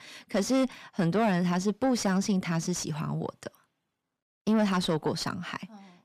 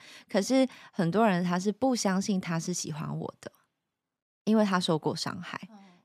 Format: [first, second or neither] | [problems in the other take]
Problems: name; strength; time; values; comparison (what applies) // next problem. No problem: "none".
second | distortion; slight; 10 dB below the speech